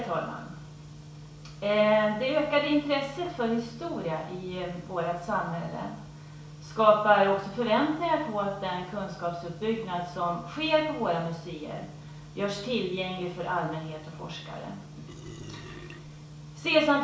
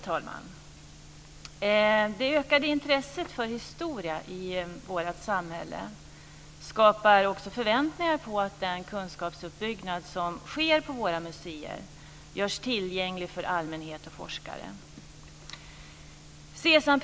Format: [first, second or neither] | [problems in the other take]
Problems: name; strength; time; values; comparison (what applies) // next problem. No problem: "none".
second | background sound (Burping, eructation); 18 dB below the speech // room echo; dies away in 0.6 s